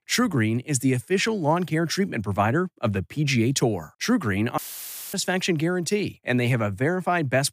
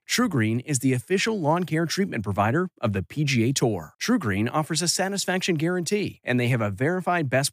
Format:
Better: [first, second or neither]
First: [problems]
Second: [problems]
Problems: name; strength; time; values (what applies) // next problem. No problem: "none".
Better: second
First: audio cutting out; filled with static; at 4.5 s for 0.5 s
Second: none